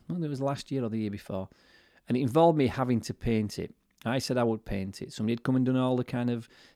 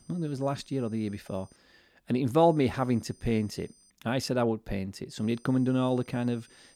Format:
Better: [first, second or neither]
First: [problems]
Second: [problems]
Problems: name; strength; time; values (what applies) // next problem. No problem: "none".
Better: first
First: none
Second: high-pitched whine; faint; until 1.5 s, from 2.5 to 4 s and from 5 s on; 8.5 kHz, 30 dB below the speech